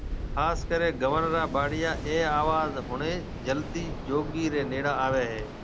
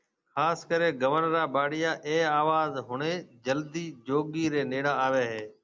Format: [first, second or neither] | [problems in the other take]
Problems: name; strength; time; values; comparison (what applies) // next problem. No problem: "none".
second | background sound (Waves, surf); 7 dB below the speech